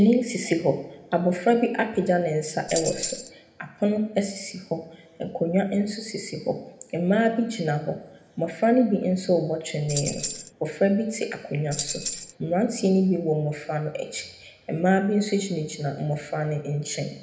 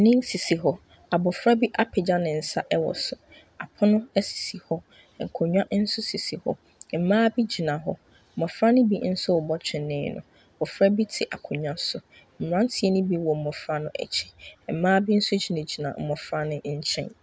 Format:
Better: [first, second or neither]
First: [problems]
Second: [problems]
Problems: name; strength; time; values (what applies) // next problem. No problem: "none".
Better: second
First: background sound (Tambourine); 6 dB below the speech // room echo; dies away in 0.7 s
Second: none